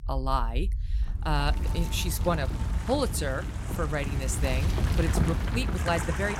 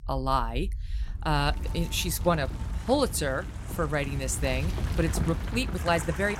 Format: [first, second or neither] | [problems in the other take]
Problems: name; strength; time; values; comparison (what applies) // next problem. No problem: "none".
second | wind noise on the microphone; heavy; 6 dB below the speech; occasional gusts in the second